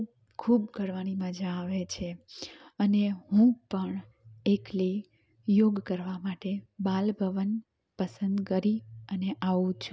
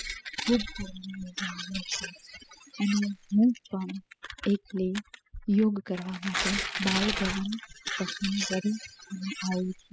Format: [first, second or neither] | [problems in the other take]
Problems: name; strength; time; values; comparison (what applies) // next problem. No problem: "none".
first | noise reduction (classical method spectral subtraction)